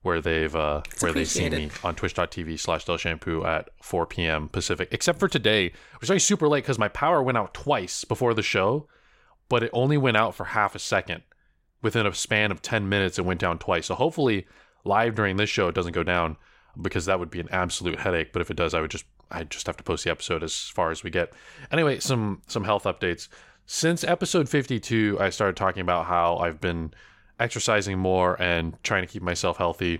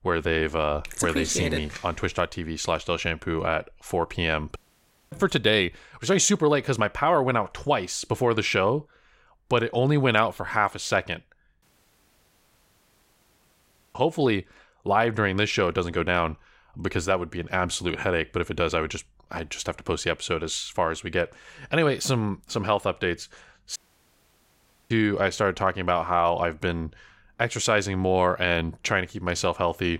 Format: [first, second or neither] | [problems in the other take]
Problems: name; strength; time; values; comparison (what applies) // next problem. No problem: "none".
first | audio cutting out; at 4.5 s for 0.5 s, at 12 s for 2.5 s and at 24 s for 1 s